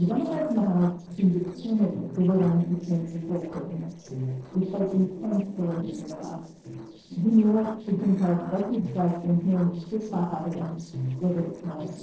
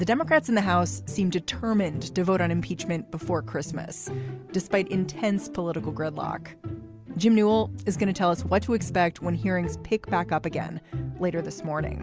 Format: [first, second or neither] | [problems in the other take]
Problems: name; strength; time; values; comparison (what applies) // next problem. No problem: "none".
second | noise reduction (neural separator model SepFormer DNS4)